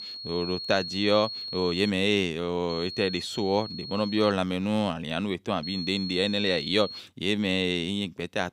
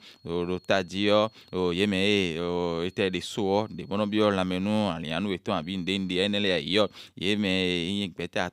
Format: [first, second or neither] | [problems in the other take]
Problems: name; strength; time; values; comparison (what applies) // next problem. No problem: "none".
second | high-pitched whine; loud; until 2 s, from 2.5 to 4.5 s and from 5.5 to 7 s; 4.5 kHz, 8 dB below the speech; faint in the second